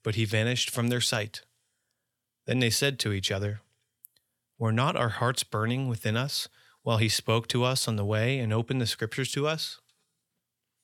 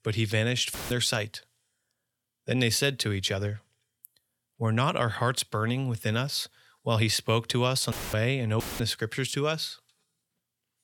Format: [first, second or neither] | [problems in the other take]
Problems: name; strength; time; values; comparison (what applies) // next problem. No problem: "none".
first | audio cutting out; filled with static; at 0.5 s, at 8 s and at 8.5 s